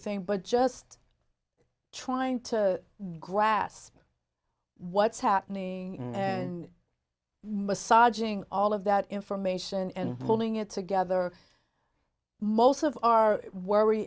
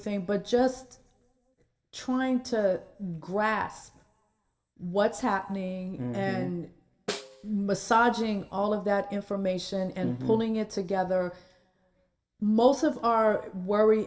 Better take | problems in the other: first | background sound (Snare drum); 13 dB below the speech // room echo; dies away in 0.7 s

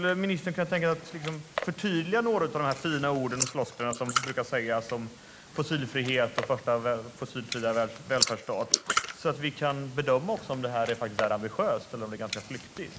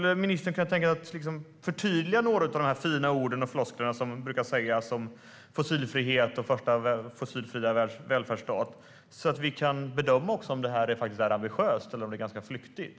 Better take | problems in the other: second | noise reduction (neural mask model Resemble Enhance denoiser)

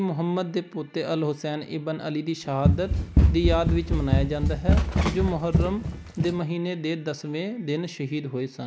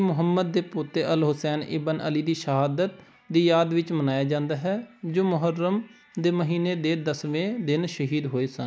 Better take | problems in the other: second | background sound (Run); 5 dB above the speech

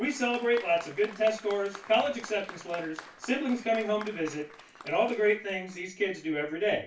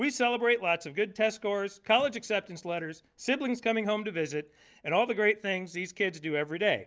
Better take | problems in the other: second | background sound (Applause); 18 dB below the speech // room echo; dies away in 0.3 s

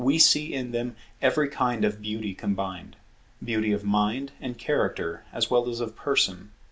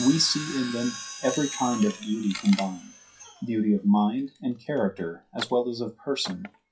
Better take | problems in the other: first | noise reduction (classical method WPE with log-MMSE)

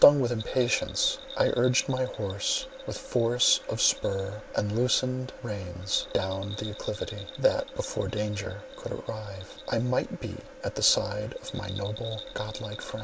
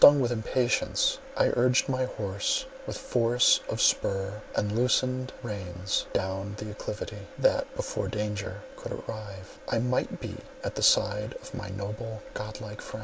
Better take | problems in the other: second | background sound (Bell); 18 dB below the speech

